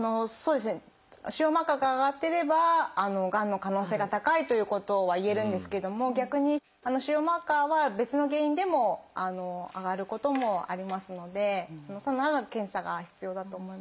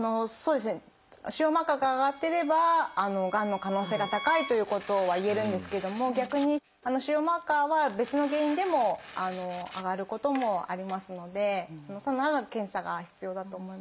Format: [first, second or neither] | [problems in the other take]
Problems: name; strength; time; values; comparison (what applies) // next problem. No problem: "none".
first | background sound (Bowed string instrument + Tearing); 16 dB below the speech